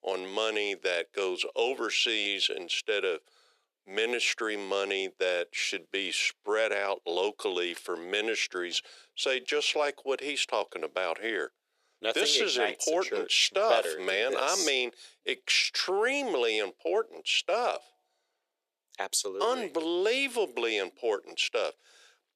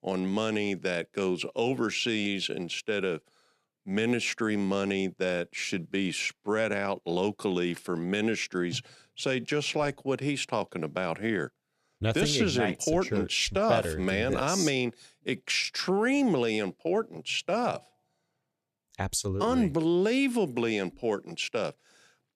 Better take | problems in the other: second | thin; very; fading below 400 Hz

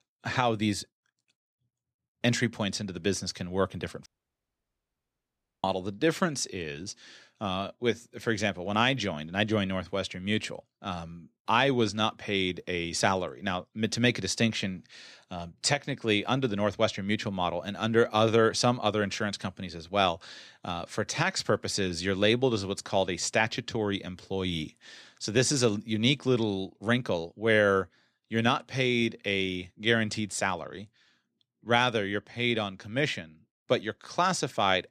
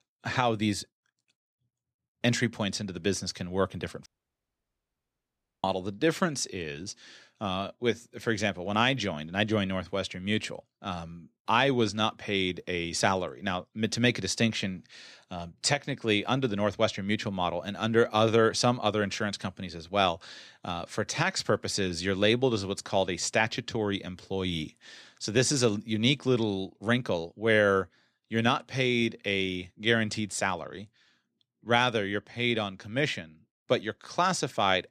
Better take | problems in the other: neither | audio cutting out; at 4 s for 1.5 s; the same in both

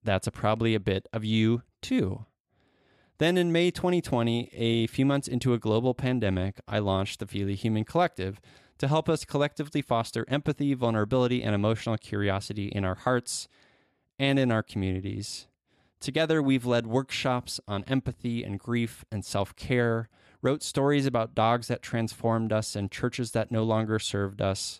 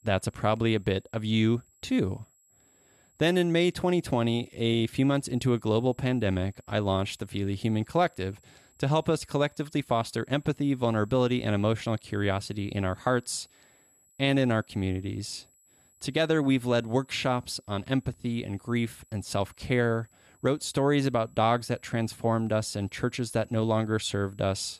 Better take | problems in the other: first | high-pitched whine; faint; throughout; 8 kHz, 35 dB below the speech

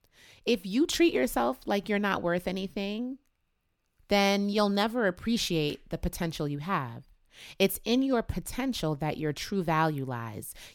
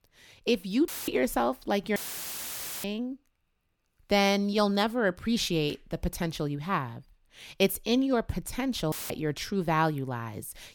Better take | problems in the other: first | audio cutting out; filled with static; at 1 s, at 2 s for 1 s and at 9 s

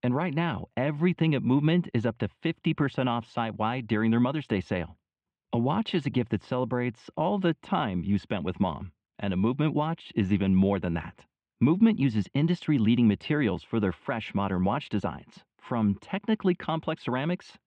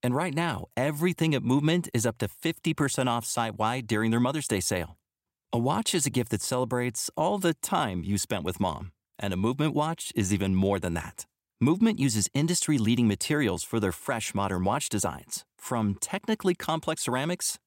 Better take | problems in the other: second | muffled; very; fading above 3 kHz

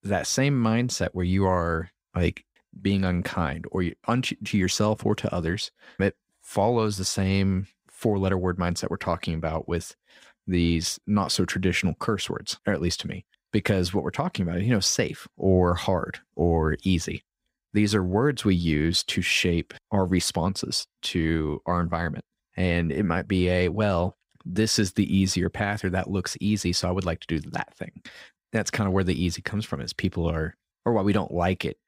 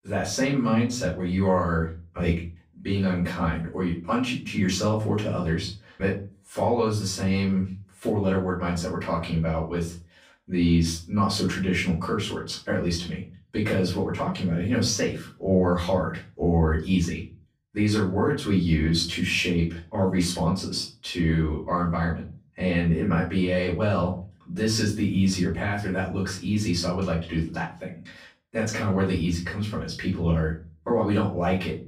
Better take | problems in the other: first | off-mic speech; far // room echo; slight; dies away in 0.3 s

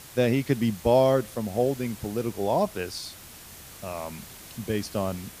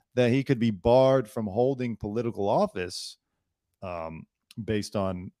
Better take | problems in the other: second | hiss; noticeable; throughout; 15 dB below the speech

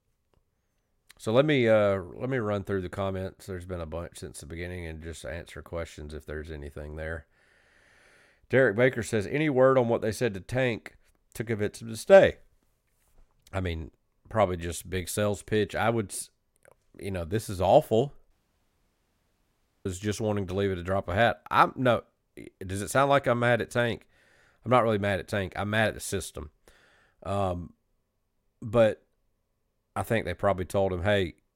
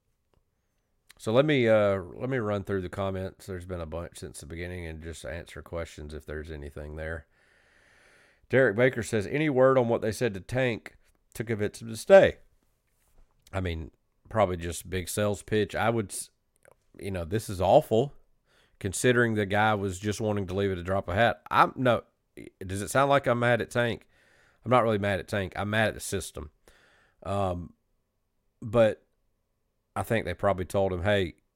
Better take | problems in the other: second | audio cutting out; at 18 s for 1.5 s

